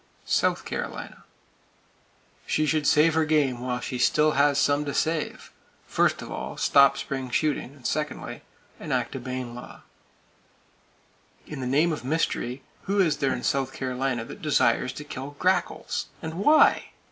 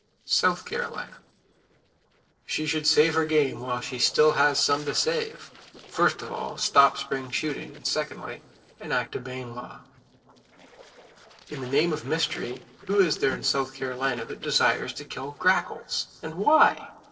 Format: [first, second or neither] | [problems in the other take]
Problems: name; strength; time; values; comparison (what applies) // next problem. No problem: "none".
first | noise reduction (neural separator model SepFormer DNS4)